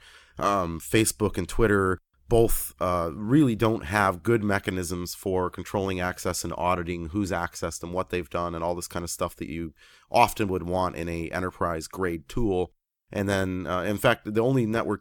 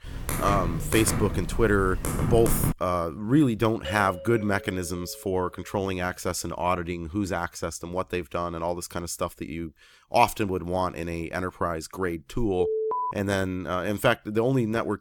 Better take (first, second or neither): first